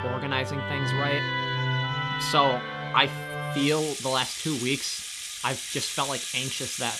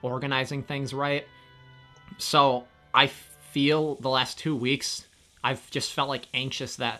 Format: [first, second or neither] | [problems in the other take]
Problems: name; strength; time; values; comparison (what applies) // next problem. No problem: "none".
second | background music; loud; throughout; 2 dB below the speech; faint in the second